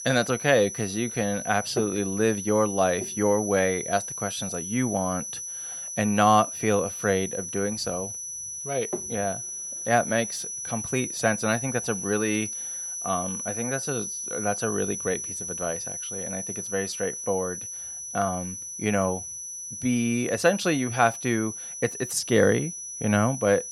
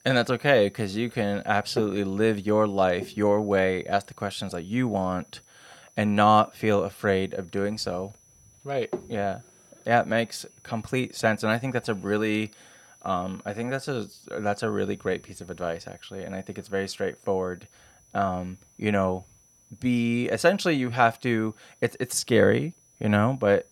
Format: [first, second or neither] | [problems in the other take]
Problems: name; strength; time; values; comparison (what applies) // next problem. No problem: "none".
second | high-pitched whine; loud; throughout; 6 kHz, 6 dB below the speech; faint in the second